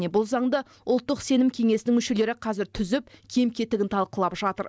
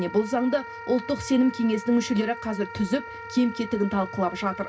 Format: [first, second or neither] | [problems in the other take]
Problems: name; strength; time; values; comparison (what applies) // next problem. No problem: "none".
first | background sound (Wind instrument, woodwind instrument); 13 dB below the speech // room echo; dies away in 0.4 s